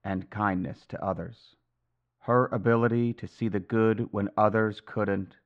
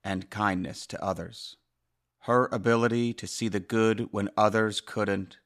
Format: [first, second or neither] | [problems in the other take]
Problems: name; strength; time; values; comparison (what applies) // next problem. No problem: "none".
second | muffled; very; fading above 1.5 kHz